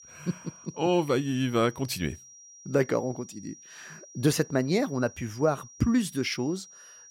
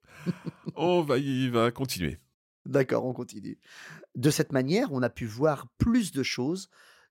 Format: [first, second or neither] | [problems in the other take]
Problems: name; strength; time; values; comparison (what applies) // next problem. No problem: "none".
second | high-pitched whine; noticeable; throughout; 5.5 kHz, 20 dB below the speech